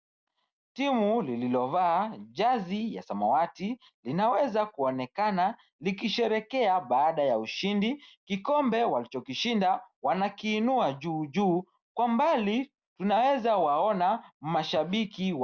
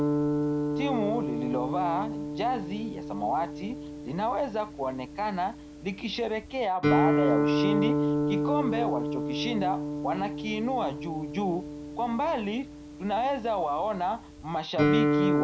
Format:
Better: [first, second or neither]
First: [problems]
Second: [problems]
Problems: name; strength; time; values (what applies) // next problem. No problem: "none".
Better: first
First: none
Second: background sound (Guitar); 1 dB above the speech